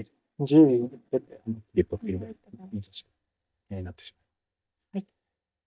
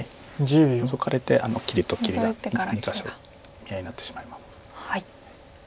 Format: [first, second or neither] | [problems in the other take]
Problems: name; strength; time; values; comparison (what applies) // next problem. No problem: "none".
second | noise reduction (neural mask model DeepFilterNet 3)